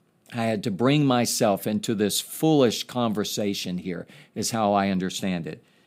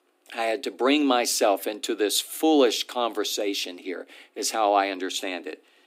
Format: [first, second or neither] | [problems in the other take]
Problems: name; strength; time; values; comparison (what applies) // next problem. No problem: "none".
first | thin; very slightly; fading below 250 Hz